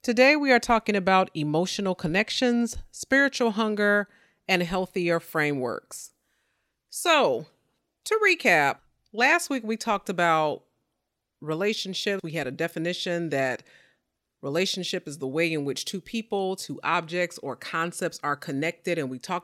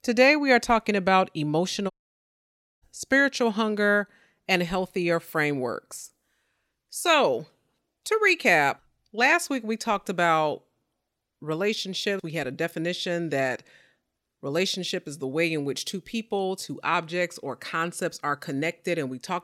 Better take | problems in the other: first | audio cutting out; at 2 s for 1 s

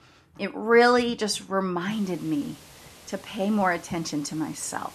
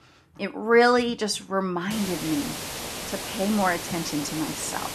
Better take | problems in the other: first | hiss; loud; from 2 s on; 7 dB below the speech; faint in the first

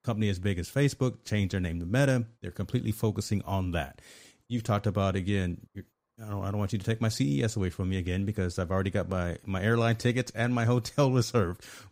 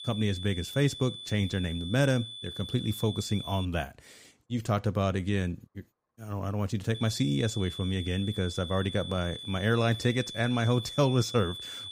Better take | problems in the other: first | high-pitched whine; loud; until 3.5 s and from 7 s on; 3.5 kHz, 10 dB below the speech

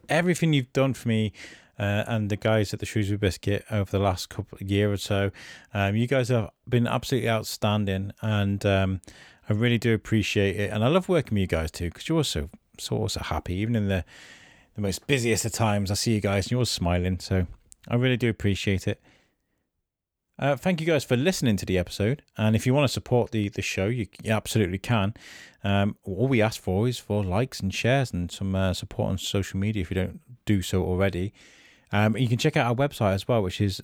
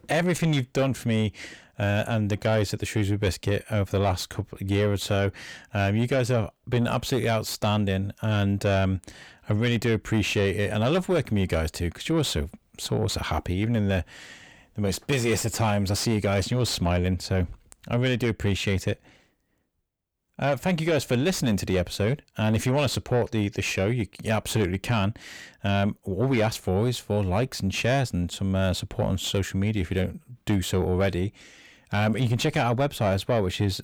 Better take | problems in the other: first | distortion; slight; 10 dB below the speech

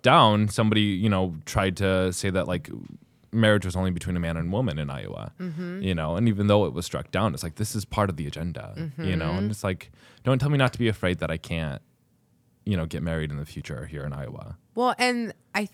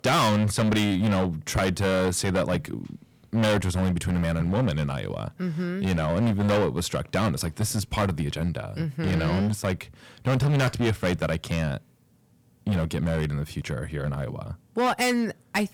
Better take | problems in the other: first | distortion; heavy; 12% of the sound clipped

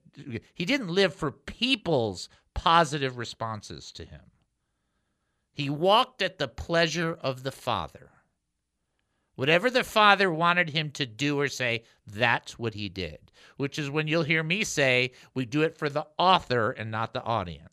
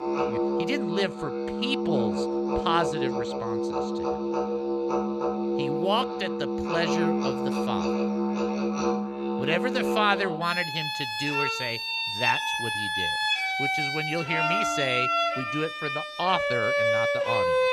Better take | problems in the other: first | background music; very loud; throughout; 3 dB above the speech

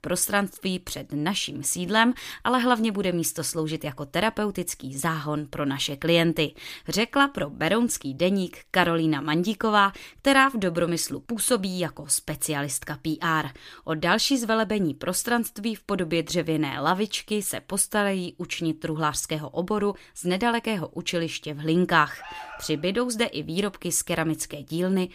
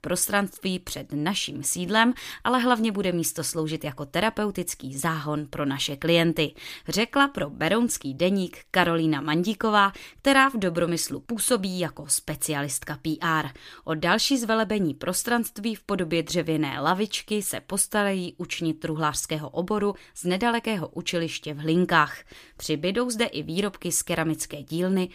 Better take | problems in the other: second | alarm; faint; at 22 s; peak 15 dB below the speech

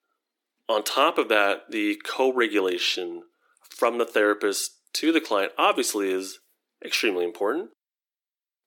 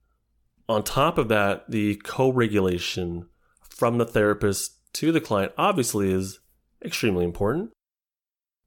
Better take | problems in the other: second | thin; somewhat; fading below 300 Hz

